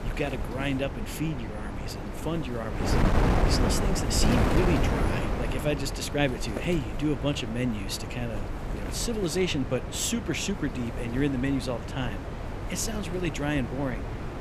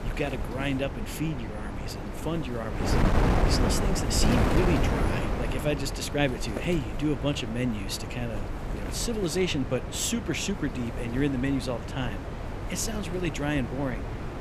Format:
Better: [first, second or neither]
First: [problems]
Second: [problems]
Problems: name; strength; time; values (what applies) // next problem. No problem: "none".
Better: neither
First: wind noise on the microphone; heavy; 2 dB below the speech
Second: wind noise on the microphone; heavy; 2 dB below the speech